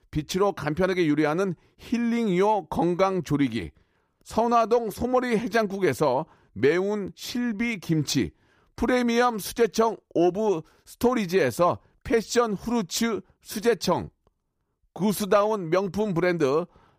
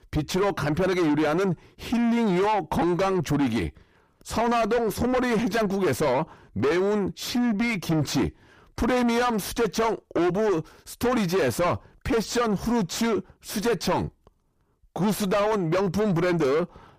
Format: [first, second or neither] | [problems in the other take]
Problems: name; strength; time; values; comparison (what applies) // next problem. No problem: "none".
first | distortion; heavy; 6 dB below the speech